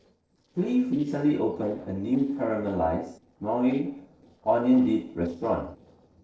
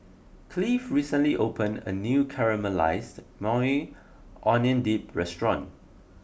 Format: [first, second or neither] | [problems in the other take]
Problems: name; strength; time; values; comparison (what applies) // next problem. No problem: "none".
second | noise reduction (neural separator model SepFormer DNS4)